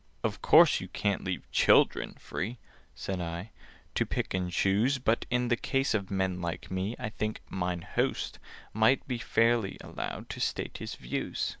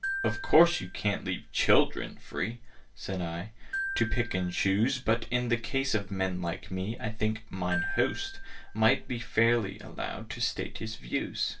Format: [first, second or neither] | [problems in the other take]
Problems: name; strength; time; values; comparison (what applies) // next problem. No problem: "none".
first | background sound (Glockenspiel); 13 dB below the speech // room echo; dies away in 0.2 s